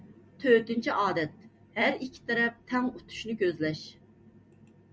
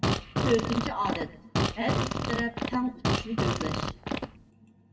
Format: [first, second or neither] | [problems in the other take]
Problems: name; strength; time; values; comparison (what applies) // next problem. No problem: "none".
first | background sound (Fart); 3 dB above the speech // room echo; dies away in 0.9 s